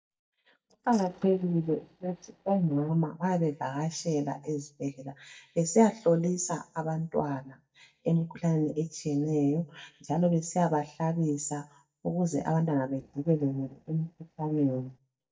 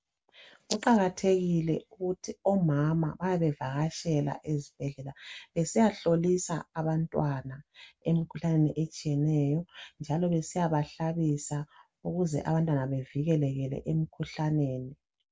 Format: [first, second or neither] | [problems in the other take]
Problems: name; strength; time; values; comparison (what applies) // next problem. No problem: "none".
second | noise reduction (neural mask model DeepFilterNet 3)